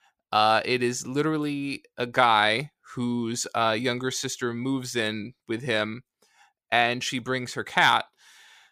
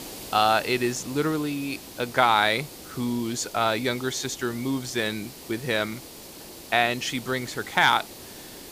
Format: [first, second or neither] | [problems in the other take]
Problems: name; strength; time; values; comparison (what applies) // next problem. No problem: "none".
first | hiss; noticeable; throughout; 15 dB below the speech